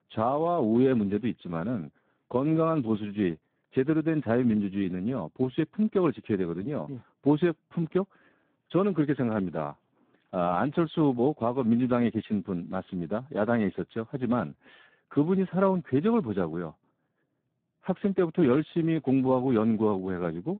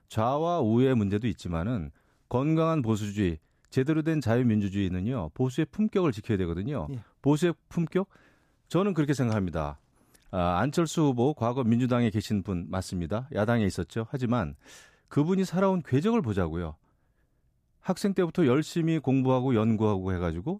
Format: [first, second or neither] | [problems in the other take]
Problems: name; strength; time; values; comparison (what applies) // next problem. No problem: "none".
second | phone-call audio; poor line; nothing above 3.5 kHz